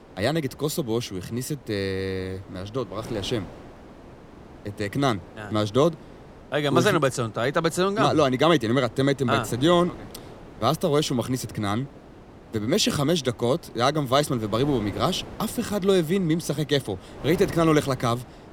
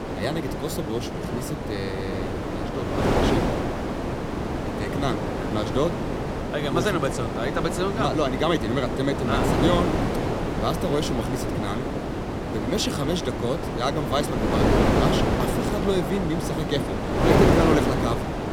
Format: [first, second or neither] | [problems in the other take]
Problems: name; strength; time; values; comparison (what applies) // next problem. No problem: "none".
first | wind noise on the microphone; heavy; 1 dB above the speech; occasional gusts in the first